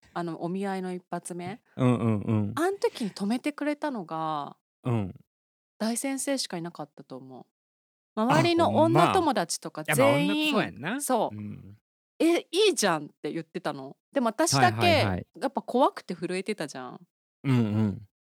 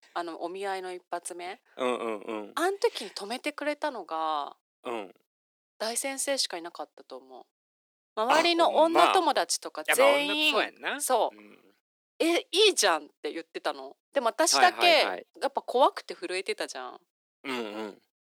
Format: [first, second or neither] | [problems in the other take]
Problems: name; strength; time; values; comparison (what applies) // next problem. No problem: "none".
first | thin; very; fading below 350 Hz